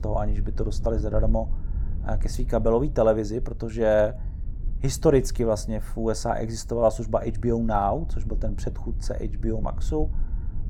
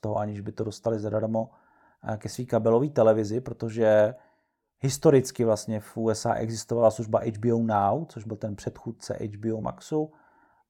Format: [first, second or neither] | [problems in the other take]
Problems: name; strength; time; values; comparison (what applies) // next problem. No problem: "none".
second | low rumble; faint; throughout; 25 dB below the speech